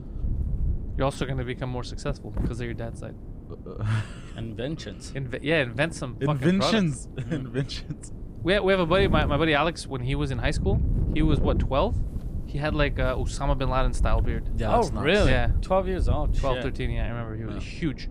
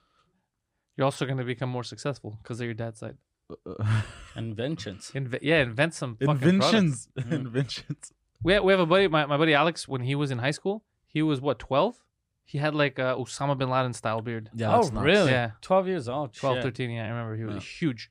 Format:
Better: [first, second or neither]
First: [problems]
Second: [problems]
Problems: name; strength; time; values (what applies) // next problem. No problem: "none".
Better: second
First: wind noise on the microphone; occasional gusts; 15 dB below the speech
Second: none